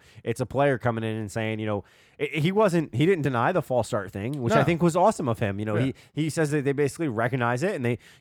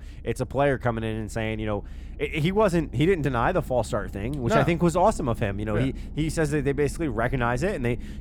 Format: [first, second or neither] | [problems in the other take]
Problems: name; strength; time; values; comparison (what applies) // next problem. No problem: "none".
first | low rumble; faint; throughout; 25 dB below the speech